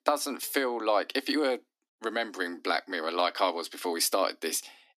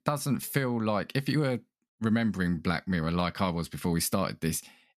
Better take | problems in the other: second | thin; somewhat; fading below 250 Hz

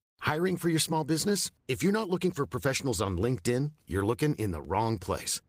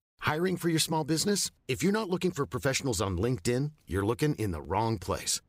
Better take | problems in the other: second | garbled, watery; slightly; nothing above 15.5 kHz

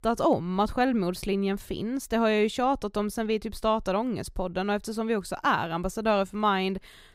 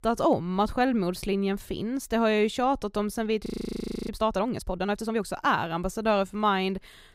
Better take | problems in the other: first | audio freezing; at 3.5 s for 0.5 s

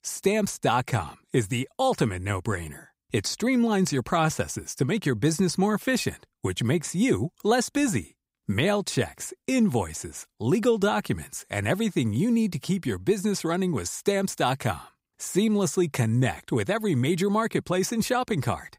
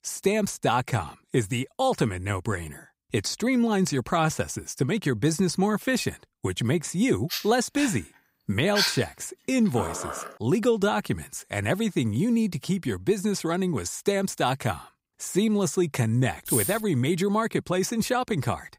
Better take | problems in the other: first | dog barking; loud; from 7.5 to 10 s; peak 1 dB above the speech // jangling keys; noticeable; at 16 s; peak level with the speech

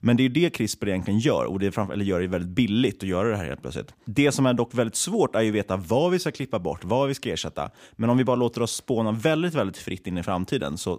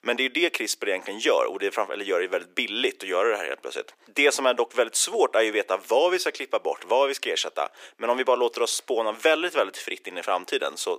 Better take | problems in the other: first | thin; very; fading below 400 Hz

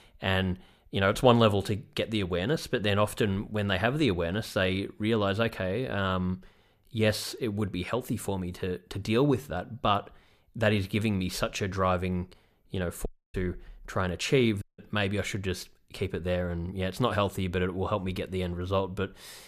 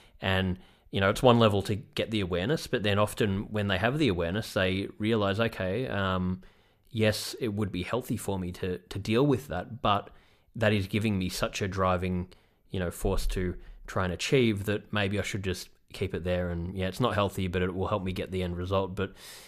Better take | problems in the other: second | audio cutting out; at 13 s and at 15 s

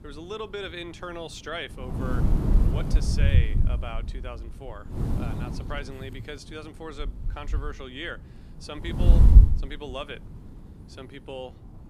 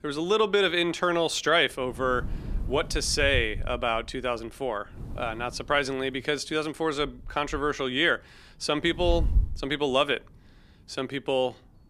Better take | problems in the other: second | wind noise on the microphone; heavy; 2 dB below the speech; occasional gusts in the second

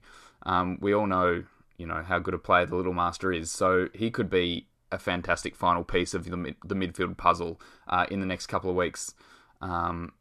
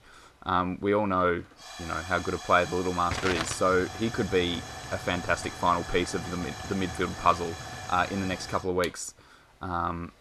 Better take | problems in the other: first | hiss; loud; throughout; 9 dB below the speech

